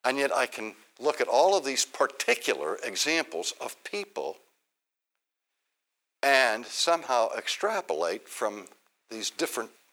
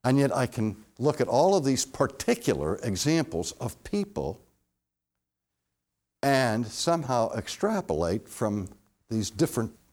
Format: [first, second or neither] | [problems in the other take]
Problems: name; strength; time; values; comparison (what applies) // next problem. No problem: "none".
second | thin; very; fading below 450 Hz